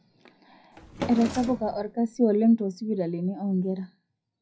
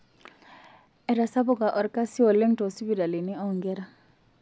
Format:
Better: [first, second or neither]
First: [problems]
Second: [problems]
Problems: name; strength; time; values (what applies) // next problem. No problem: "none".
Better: second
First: noise reduction (classical method WPE with log-MMSE)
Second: none